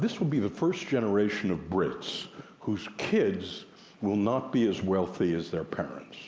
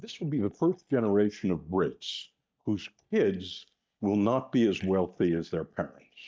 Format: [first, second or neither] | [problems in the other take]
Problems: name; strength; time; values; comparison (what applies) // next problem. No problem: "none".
first | noise reduction (neural mask model DeepFilterNet 3)